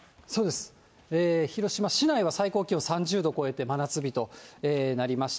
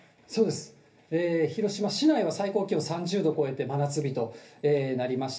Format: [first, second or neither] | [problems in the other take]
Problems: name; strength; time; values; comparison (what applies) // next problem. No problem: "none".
first | room echo; dies away in 0.3 s